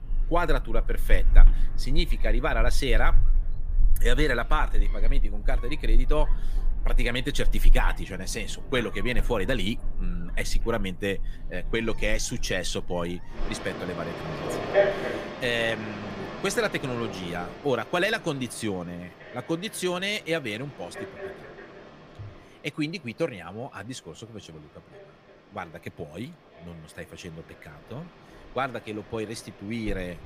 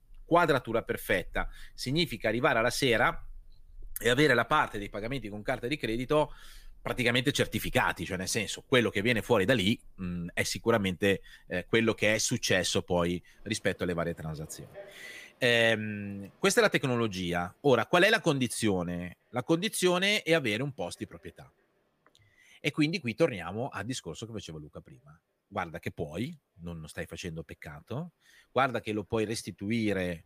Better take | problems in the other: second | animal sounds; loud; throughout; 1 dB below the speech; faint in the second

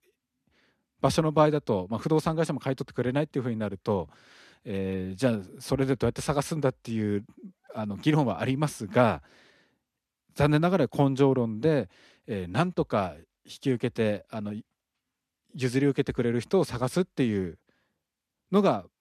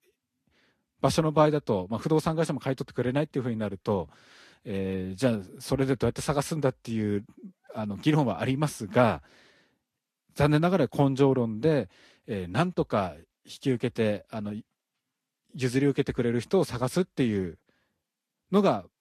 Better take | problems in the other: first | garbled, watery; slightly; nothing above 13.5 kHz

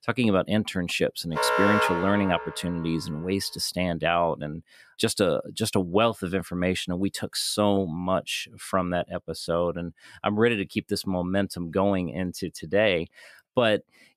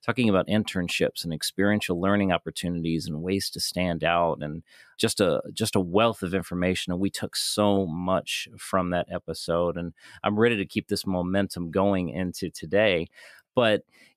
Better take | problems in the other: second | alarm; loud; from 1.5 to 2.5 s; peak 4 dB above the speech

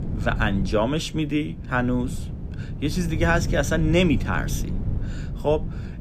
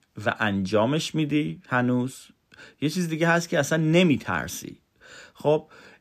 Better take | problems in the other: second | wind noise on the microphone; occasional gusts; 15 dB below the speech

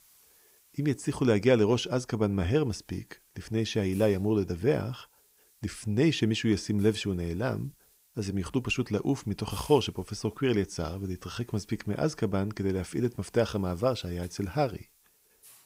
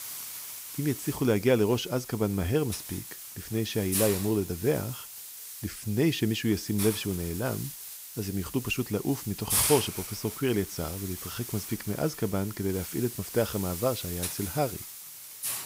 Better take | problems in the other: first | hiss; loud; throughout; 5 dB below the speech; faint in the first

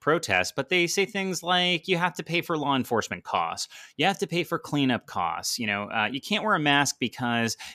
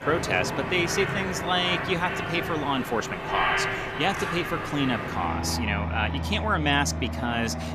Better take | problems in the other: first | train or aircraft noise; loud; throughout; 2 dB below the speech

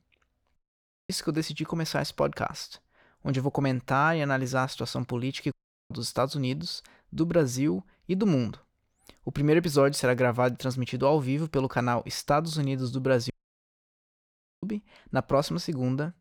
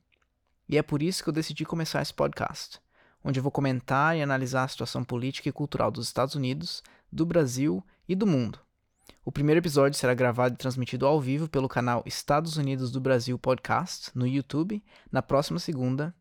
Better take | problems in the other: second | audio cutting out; at 0.5 s for 0.5 s, at 5.5 s and at 13 s for 1.5 s

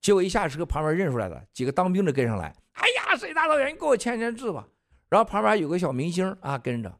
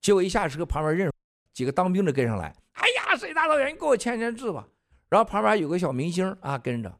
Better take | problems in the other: first | audio cutting out; at 1 s

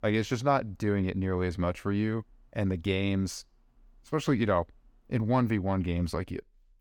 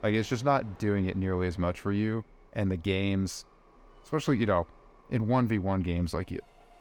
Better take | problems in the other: first | train or aircraft noise; faint; throughout; 30 dB below the speech

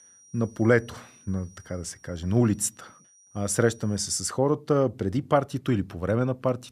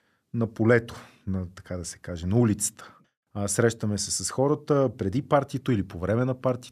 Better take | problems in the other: second | high-pitched whine; faint; until 4 s; 6 kHz, 25 dB below the speech

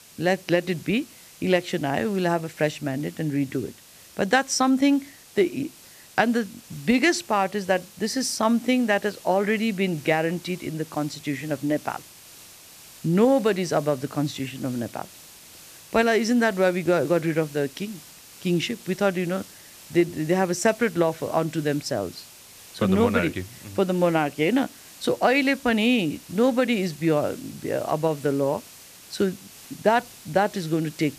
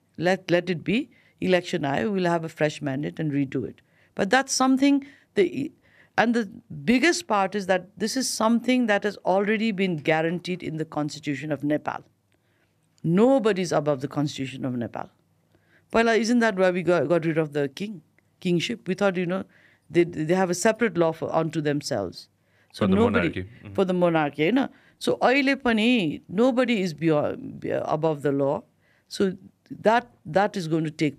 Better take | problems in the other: second | hiss; faint; throughout; 20 dB below the speech

